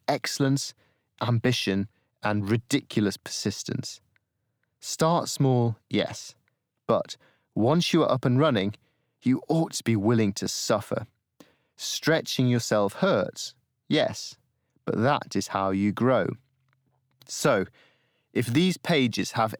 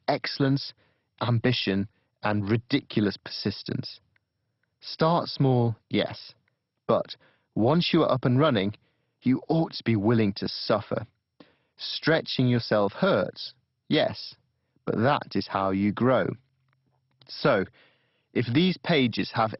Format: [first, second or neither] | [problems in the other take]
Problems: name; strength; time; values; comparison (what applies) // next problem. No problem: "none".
first | garbled, watery; badly; nothing above 5.5 kHz